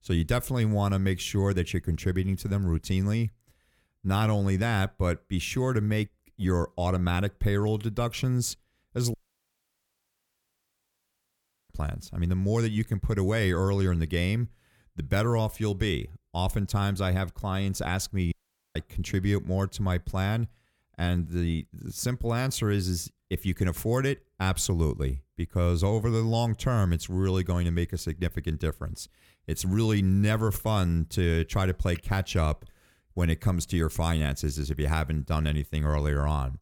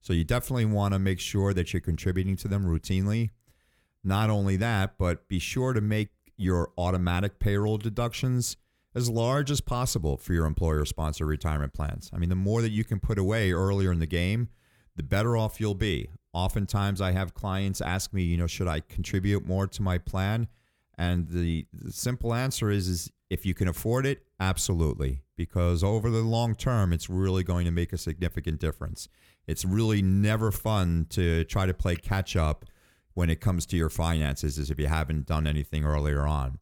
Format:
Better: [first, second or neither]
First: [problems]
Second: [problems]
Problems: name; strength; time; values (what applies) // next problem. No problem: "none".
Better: second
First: audio cutting out; at 9 s for 2.5 s and at 18 s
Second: none